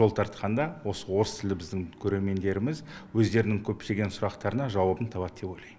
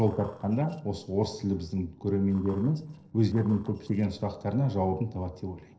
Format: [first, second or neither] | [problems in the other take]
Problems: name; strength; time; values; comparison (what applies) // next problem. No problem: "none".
first | noise reduction (neural separator model SepFormer DNS4)